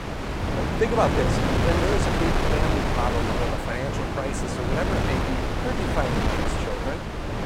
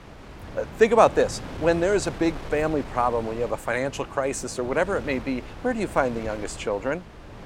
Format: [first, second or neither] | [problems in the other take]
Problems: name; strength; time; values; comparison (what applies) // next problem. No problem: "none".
second | wind noise on the microphone; heavy; 2 dB above the speech; occasional gusts in the second